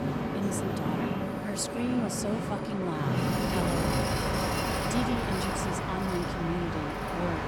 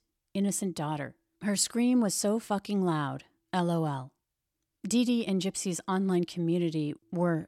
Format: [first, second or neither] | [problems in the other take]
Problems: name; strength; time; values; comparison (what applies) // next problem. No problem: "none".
second | train or aircraft noise; very loud; throughout; 4 dB above the speech